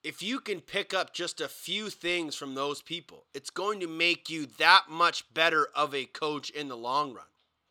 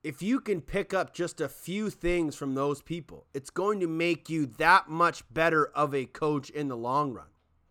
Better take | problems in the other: second | thin; somewhat; fading below 600 Hz

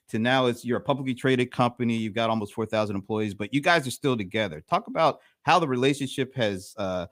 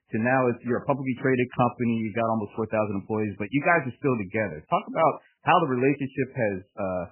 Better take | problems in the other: first | garbled, watery; badly; nothing above 2.5 kHz

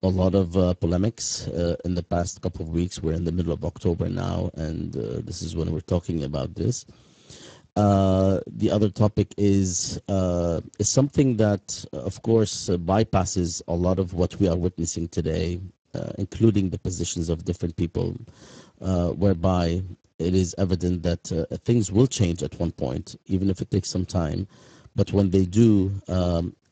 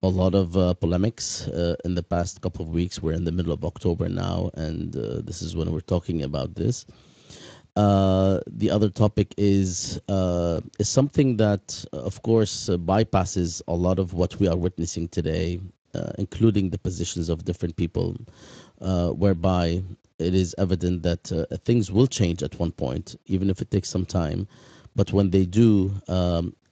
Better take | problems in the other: second | garbled, watery; badly; nothing above 7.5 kHz; slightly in the second

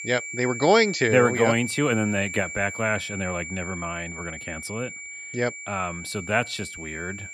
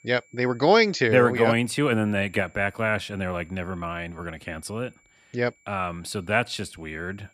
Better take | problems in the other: second | high-pitched whine; loud; throughout; 2.5 kHz, 9 dB below the speech; faint in the second

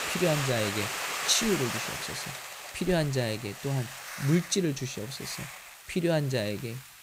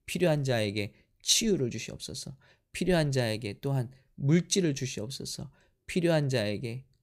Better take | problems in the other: second | hiss; loud; throughout; 5 dB below the speech

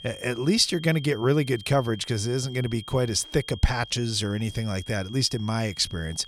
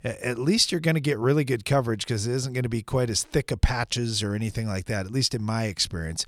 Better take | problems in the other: second | high-pitched whine; noticeable; throughout; 3 kHz, 15 dB below the speech

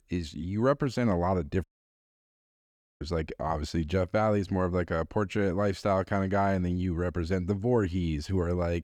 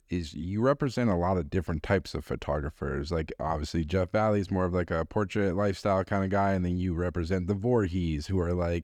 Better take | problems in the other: second | audio cutting out; at 1.5 s for 1.5 s

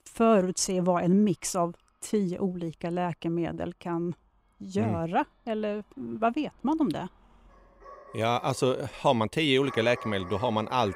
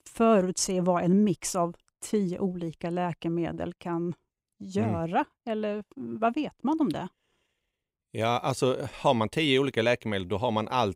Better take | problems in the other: second | animal sounds; noticeable; throughout; 15 dB below the speech

